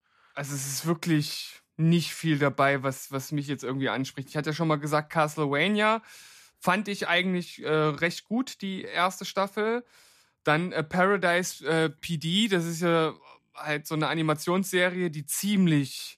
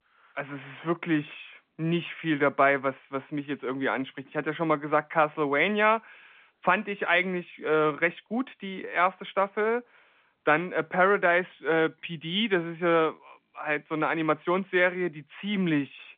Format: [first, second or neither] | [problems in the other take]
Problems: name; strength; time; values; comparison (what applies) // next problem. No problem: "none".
first | phone-call audio; nothing above 3.5 kHz